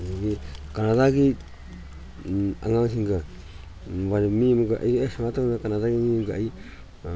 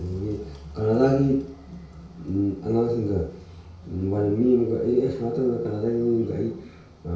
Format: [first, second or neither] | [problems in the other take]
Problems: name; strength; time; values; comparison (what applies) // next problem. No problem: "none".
first | room echo; dies away in 0.6 s